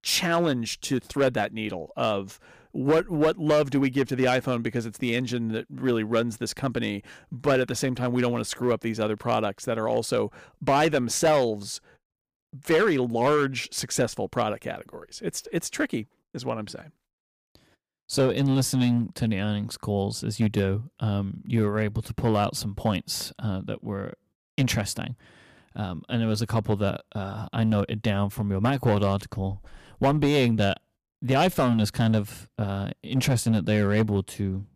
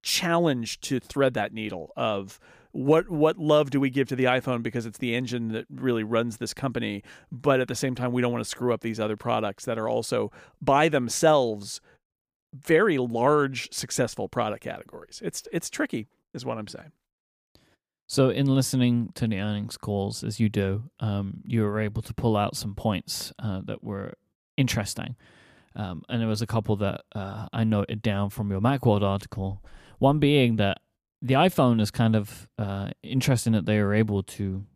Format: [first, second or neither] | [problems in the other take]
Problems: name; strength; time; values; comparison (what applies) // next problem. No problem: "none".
second | distortion; slight; 4% of the sound clipped